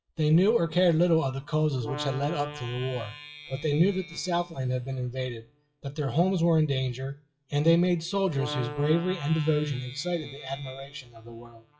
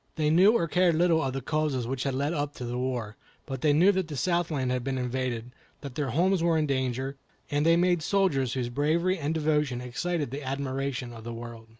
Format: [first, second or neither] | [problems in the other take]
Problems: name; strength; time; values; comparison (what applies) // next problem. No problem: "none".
second | noise reduction (classical method WPE with log-MMSE)